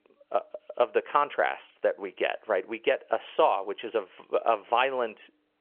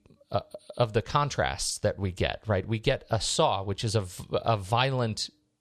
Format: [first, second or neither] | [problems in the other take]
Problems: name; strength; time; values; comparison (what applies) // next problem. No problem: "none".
second | phone-call audio